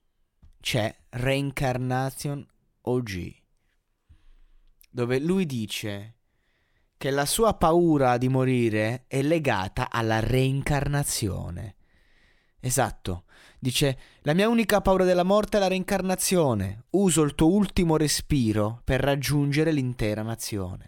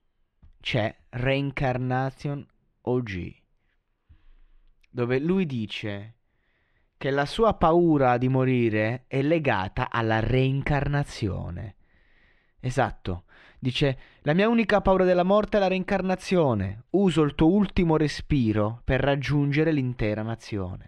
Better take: first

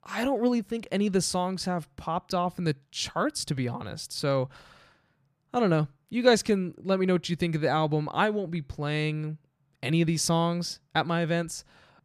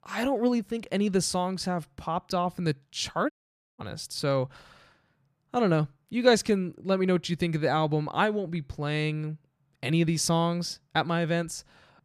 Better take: first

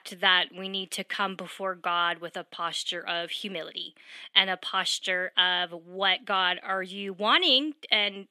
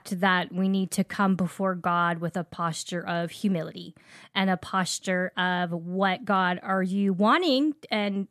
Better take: second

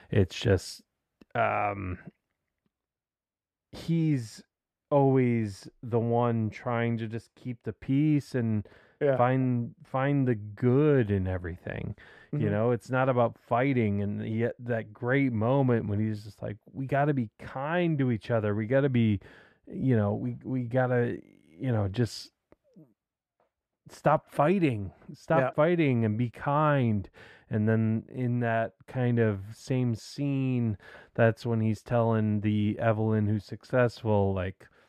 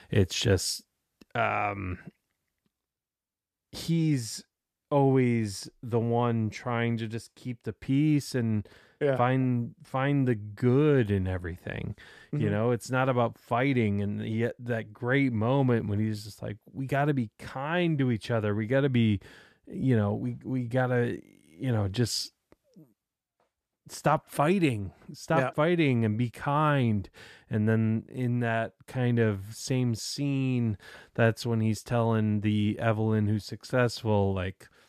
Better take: second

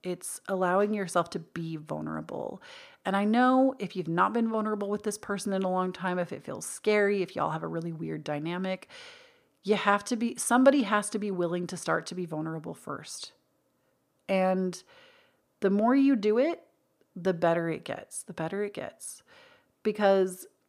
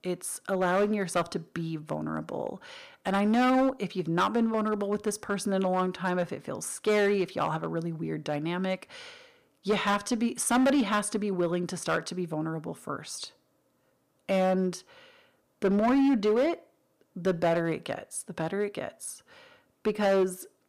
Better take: first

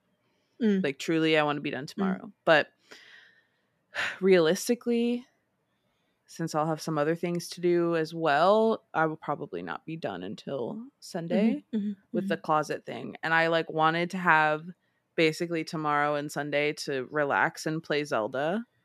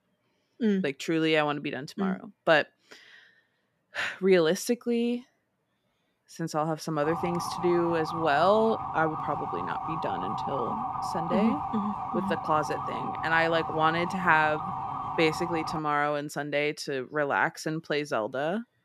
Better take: first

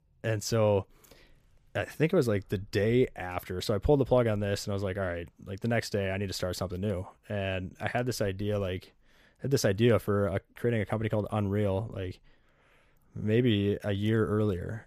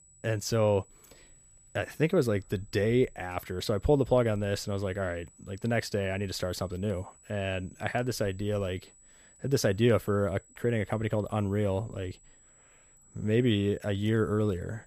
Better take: first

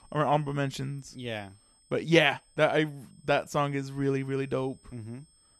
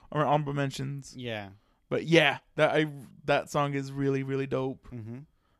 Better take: second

